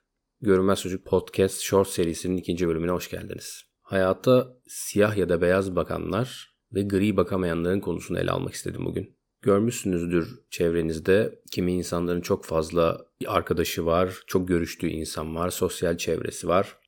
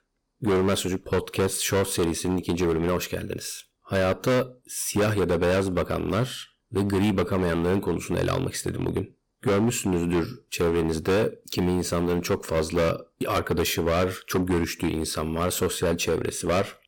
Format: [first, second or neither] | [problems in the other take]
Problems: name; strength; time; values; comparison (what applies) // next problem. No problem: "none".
first | distortion; heavy; 14% of the sound clipped